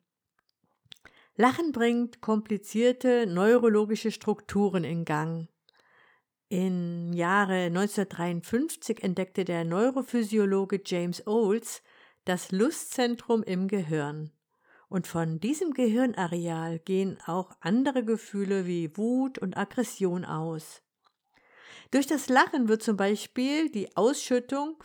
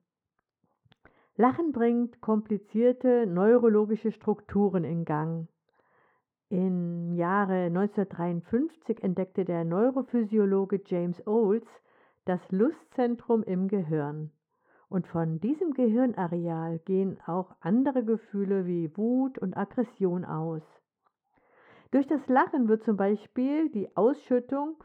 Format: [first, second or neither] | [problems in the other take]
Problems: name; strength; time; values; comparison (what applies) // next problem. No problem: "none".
first | muffled; very; fading above 3 kHz